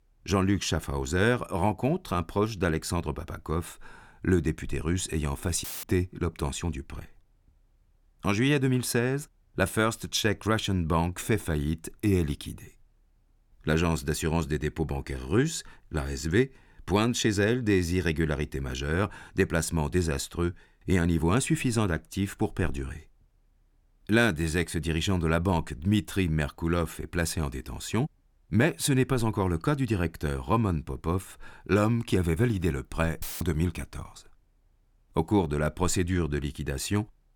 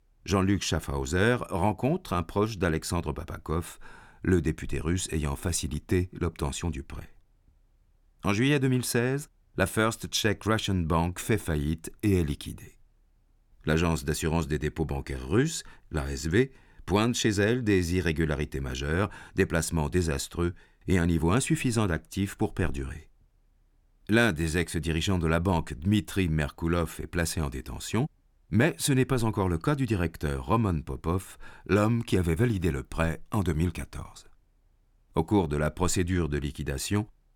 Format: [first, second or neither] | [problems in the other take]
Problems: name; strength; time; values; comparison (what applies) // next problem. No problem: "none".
second | audio cutting out; filled with static; at 5.5 s and at 33 s